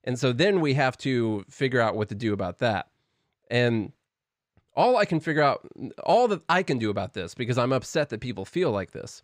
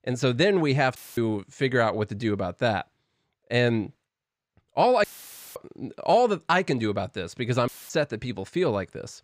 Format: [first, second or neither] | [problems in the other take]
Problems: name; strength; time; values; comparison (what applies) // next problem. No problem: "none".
first | audio cutting out; filled with static; at 1 s, at 5 s for 0.5 s and at 7.5 s